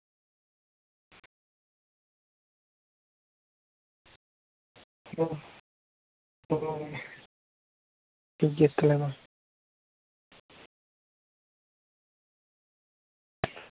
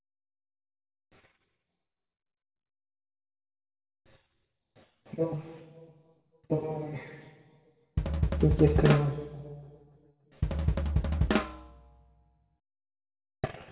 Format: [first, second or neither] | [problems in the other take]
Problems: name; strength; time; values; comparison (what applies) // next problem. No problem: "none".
first | background sound (Drum kit); 5 dB above the speech // room echo; dies away in 2.2 s